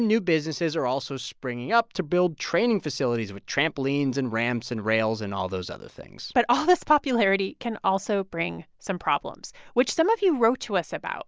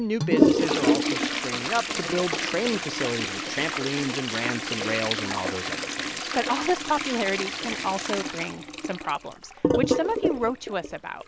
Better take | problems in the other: first | background sound (Toilet flush); 2 dB above the speech

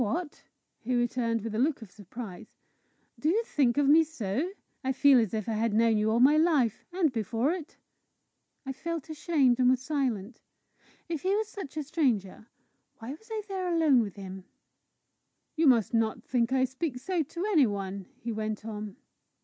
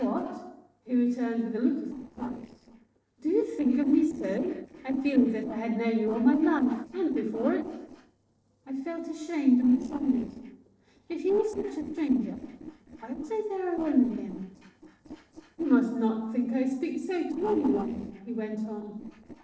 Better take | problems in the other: first | noise reduction (neural separator model SepFormer DNS4)

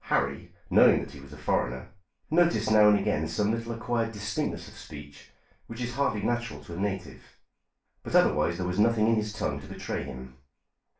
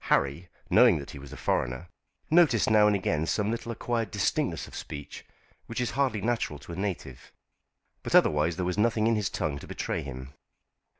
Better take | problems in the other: second | room echo; dies away in 0.3 s

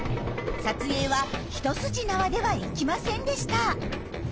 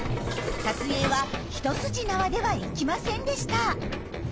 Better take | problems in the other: first | background sound (Dishes, pots, and pans); 12 dB below the speech

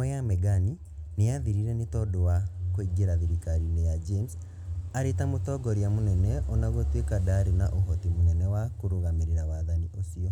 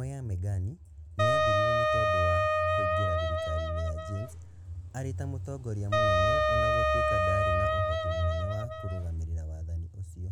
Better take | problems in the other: first | background sound (Wind instrument, woodwind instrument); 5 dB above the speech

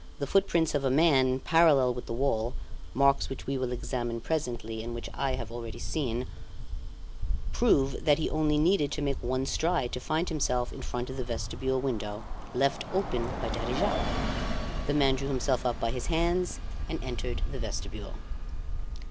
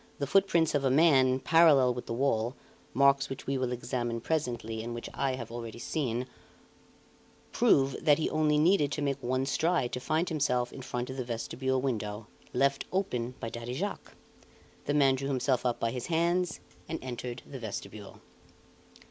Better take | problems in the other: second | background sound (Bus); 3 dB below the speech

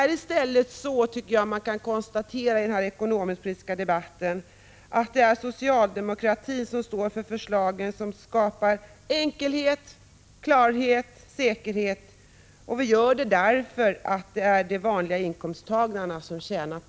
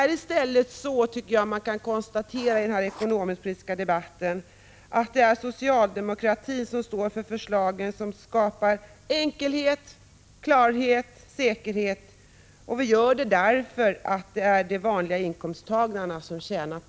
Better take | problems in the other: first | background sound (Writing); 20 dB below the speech

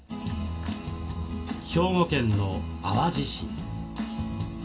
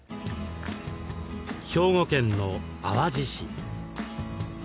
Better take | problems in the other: second | room echo; dies away in 0.2 s

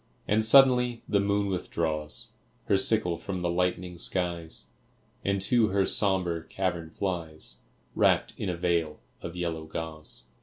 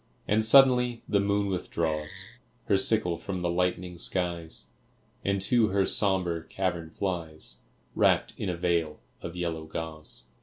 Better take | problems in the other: first | background sound (Wood); 17 dB below the speech

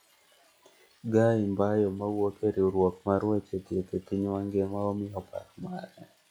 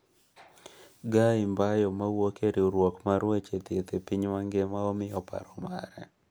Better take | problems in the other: second | noise reduction (classical method log-MMSE)

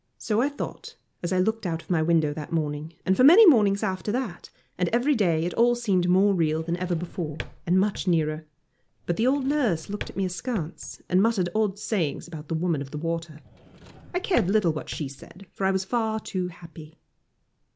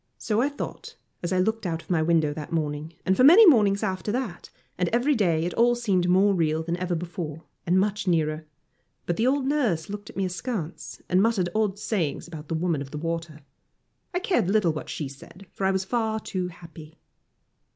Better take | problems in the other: second | background sound (Drawer open or close); 18 dB below the speech

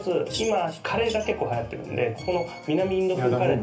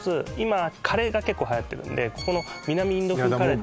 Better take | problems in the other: second | background sound (Bird vocalization, bird call, bird song); 14 dB below the speech // room echo; dies away in 0.3 s

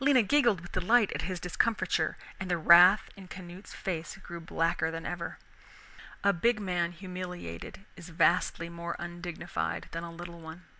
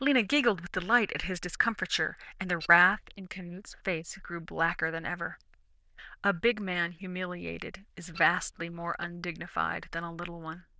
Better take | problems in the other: first | noise reduction (neural diffusion model UNIVERSE++)

